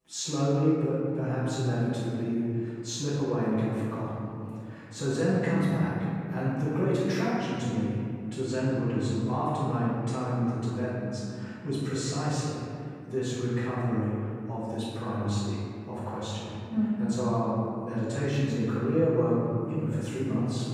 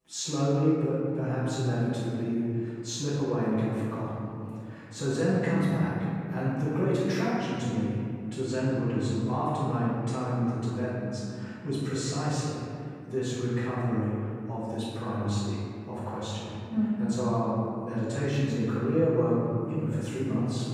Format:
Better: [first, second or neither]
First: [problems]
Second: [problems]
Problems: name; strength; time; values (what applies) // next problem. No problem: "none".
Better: neither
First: off-mic speech; far // room echo; strong; dies away in 2.5 s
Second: off-mic speech; far // room echo; strong; dies away in 2.5 s